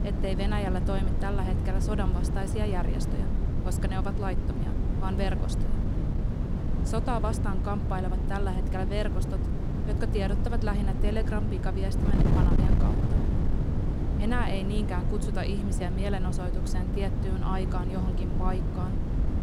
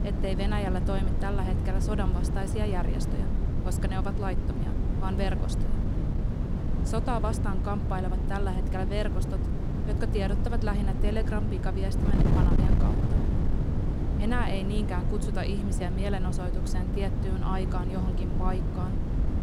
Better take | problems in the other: neither | wind noise on the microphone; heavy; 3 dB below the speech; the same in both

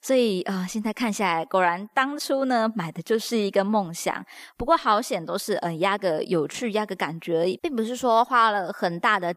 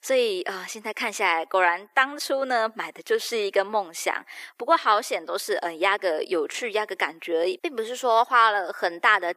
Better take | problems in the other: first | thin; somewhat; fading below 350 Hz

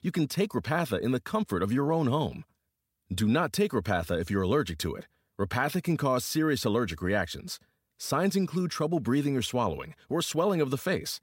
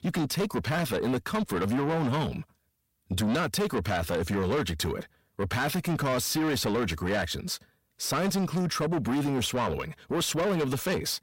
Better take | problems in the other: first | distortion; heavy; 7 dB below the speech

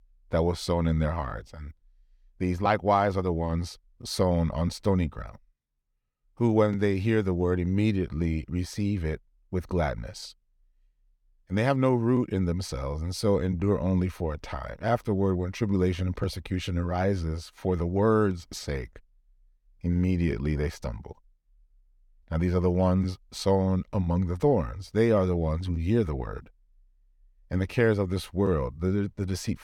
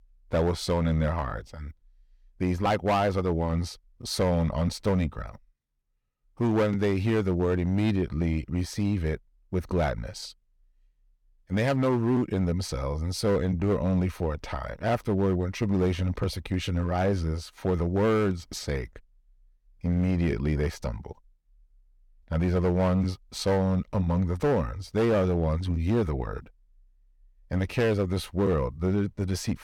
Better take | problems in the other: first | distortion; slight; 7% of the sound clipped

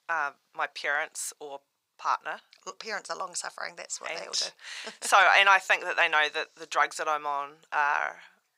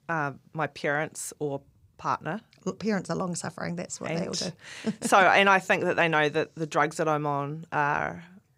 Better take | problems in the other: second | thin; very; fading below 950 Hz

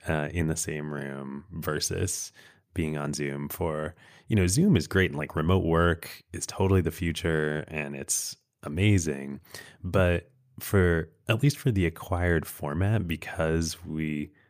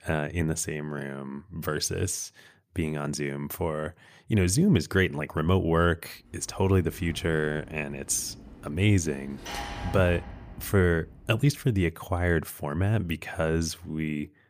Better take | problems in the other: first | door banging; noticeable; from 6.5 to 12 s; peak 8 dB below the speech

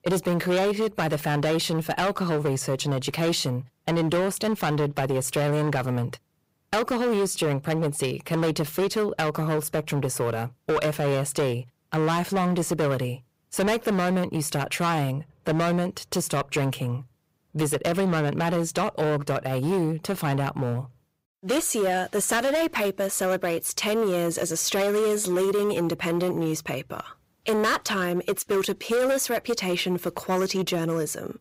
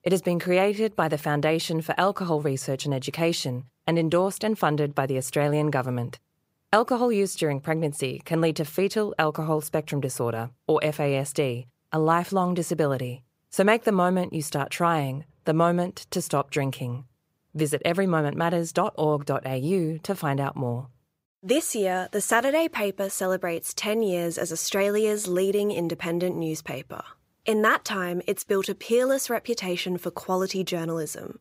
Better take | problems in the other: second | distortion; heavy; 15% of the sound clipped

